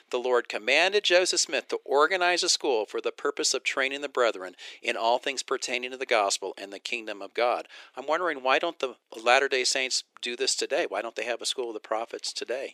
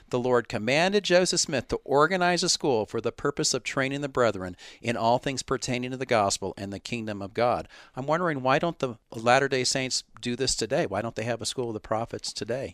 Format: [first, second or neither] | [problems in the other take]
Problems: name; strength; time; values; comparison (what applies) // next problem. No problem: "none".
second | thin; somewhat; fading below 350 Hz